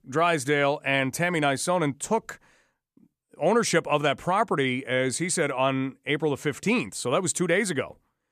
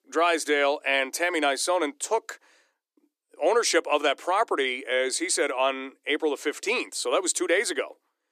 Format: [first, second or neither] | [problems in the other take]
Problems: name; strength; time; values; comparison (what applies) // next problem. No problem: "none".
first | thin; somewhat; fading below 300 Hz